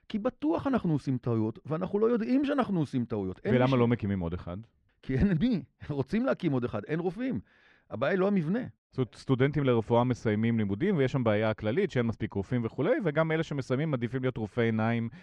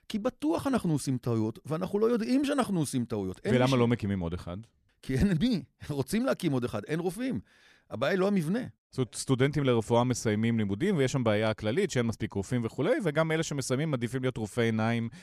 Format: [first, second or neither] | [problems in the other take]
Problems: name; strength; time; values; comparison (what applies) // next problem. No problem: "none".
second | muffled; slightly; fading above 2.5 kHz